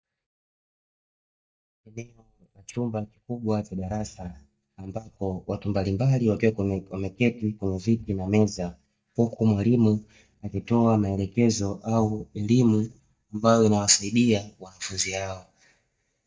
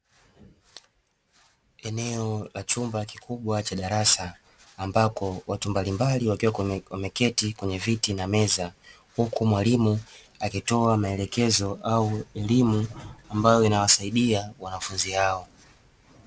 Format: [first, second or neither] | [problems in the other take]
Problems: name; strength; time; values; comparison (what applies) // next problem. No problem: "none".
second | noise reduction (neural mask model DeepFilterNet 3)